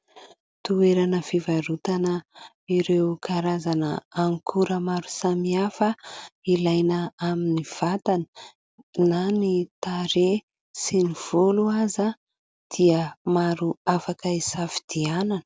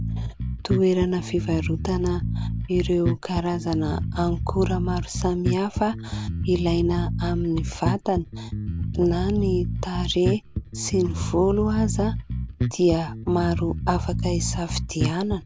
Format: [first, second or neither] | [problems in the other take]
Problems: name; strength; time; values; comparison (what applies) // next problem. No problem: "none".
first | background sound (Bass guitar); 3 dB below the speech